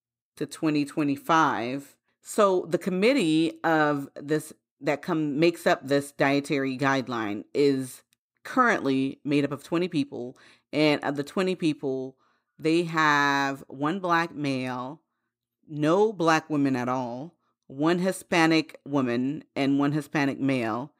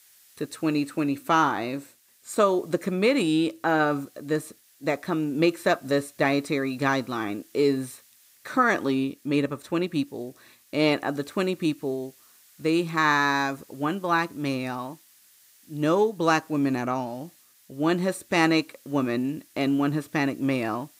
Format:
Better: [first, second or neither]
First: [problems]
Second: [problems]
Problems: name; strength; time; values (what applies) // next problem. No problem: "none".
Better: first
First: none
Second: hiss; faint; throughout; 30 dB below the speech